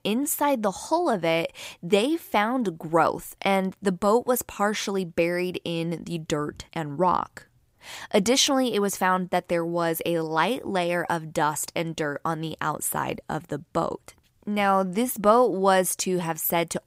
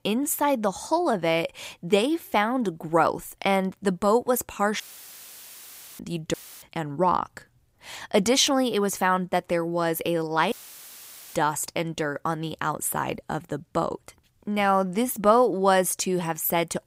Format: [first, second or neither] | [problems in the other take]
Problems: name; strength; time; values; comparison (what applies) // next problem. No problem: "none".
first | audio cutting out; filled with static; at 5 s for 1 s, at 6.5 s and at 11 s for 1 s